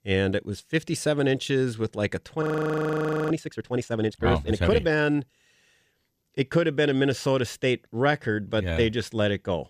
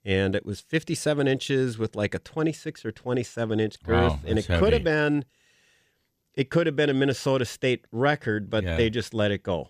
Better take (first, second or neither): second